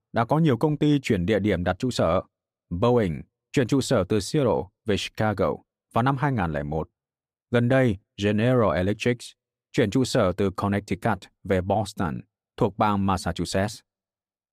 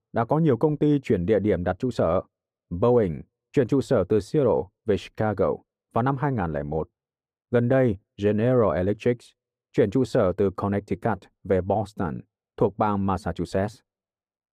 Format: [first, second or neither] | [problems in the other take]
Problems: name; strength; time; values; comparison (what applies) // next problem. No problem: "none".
first | muffled; slightly; fading above 2 kHz